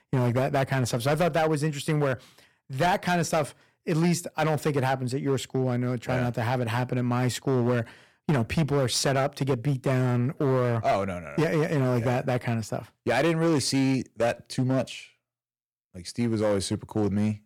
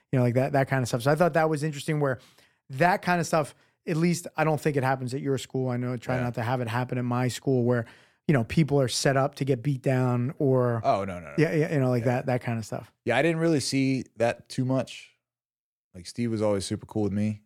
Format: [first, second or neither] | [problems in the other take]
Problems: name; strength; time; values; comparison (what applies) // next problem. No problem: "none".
second | distortion; slight; 10% of the sound clipped